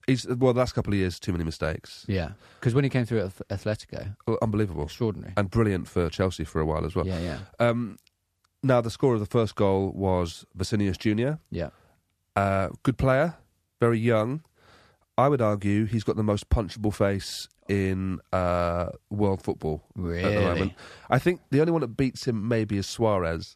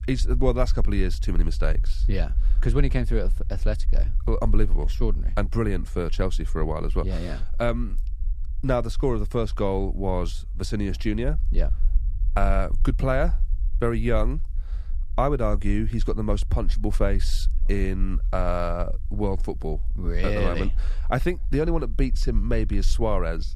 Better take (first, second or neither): first